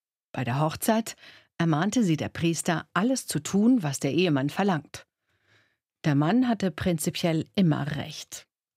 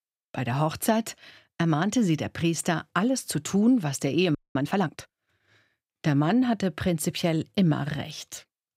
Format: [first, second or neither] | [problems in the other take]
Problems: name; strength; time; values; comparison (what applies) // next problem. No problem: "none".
first | audio freezing; at 4.5 s